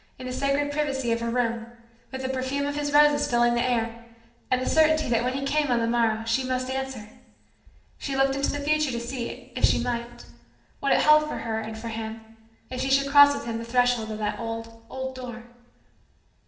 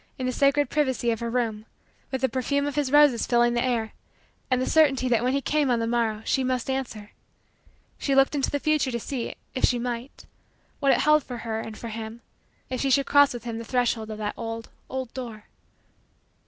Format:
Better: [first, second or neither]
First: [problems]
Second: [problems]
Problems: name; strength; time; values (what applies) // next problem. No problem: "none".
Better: second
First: room echo; dies away in 0.8 s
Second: none